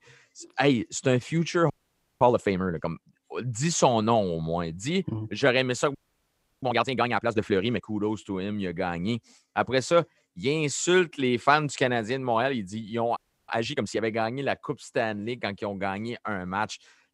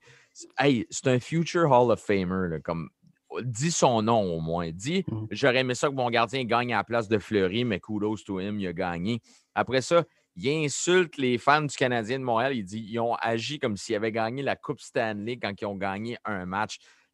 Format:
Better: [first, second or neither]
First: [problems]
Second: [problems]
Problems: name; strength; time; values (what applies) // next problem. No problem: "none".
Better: second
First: audio freezing; at 1.5 s for 0.5 s, at 6 s for 0.5 s and at 13 s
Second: none